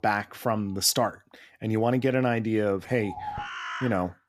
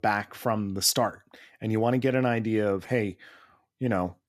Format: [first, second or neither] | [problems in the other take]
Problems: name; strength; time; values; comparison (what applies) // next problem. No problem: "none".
second | animal sounds; loud; throughout; 9 dB below the speech